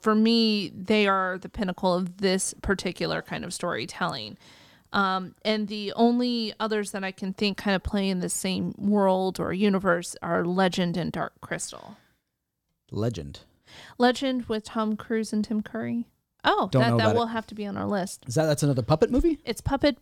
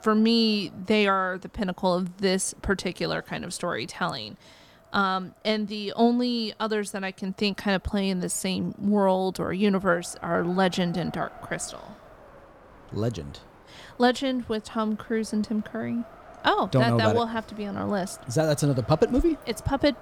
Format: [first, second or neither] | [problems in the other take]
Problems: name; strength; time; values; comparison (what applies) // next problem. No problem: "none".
first | wind noise on the microphone; occasional gusts; 20 dB below the speech